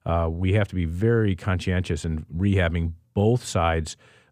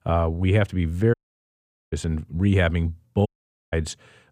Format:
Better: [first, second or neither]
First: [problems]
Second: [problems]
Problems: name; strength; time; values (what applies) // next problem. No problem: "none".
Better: first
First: none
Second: audio cutting out; at 1 s for 1 s and at 3.5 s